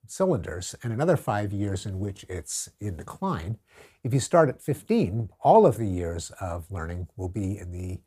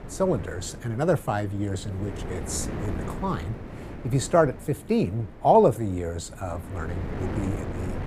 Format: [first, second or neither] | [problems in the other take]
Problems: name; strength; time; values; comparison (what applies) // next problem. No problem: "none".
first | wind noise on the microphone; occasional gusts; 15 dB below the speech